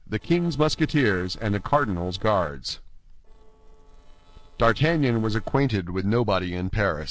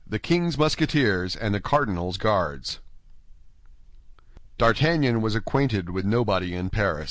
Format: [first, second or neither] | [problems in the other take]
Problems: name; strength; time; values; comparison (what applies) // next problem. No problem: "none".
second | noise reduction (neural separator model SepFormer DNS4)